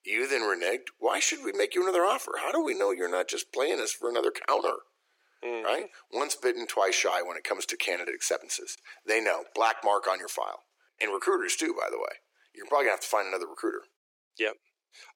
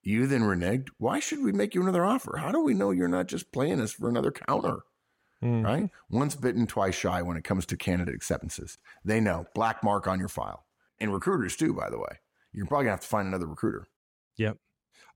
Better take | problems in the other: second | thin; very; fading below 350 Hz

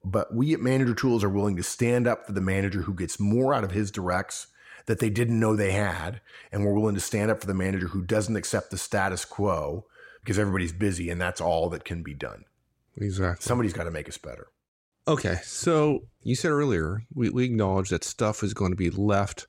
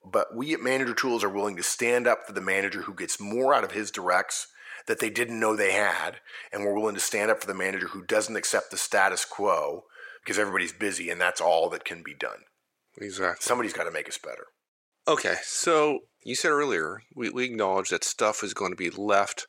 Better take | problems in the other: first | thin; very; fading below 500 Hz

